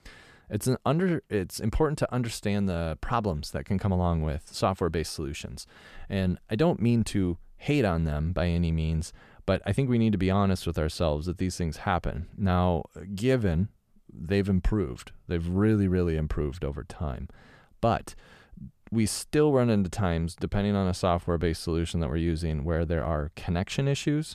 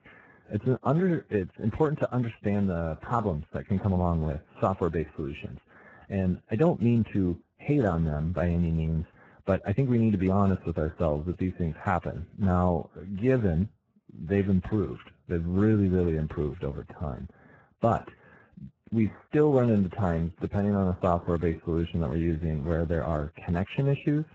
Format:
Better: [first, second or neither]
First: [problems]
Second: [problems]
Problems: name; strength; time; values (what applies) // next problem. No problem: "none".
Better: first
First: none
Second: garbled, watery; badly; nothing above 7.5 kHz